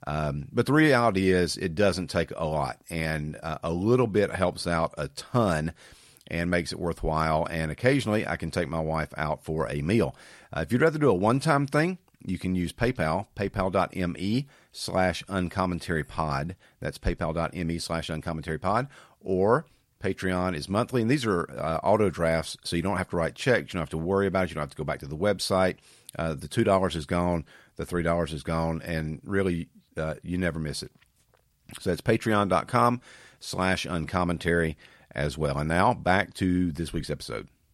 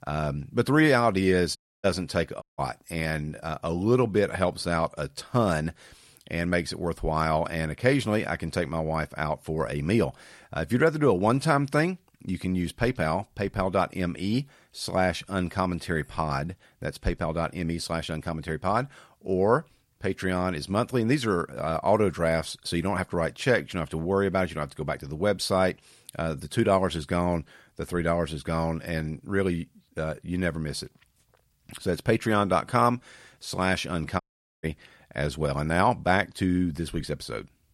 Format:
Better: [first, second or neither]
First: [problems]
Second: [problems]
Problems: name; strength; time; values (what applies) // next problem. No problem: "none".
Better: first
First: none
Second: audio cutting out; at 1.5 s, at 2.5 s and at 34 s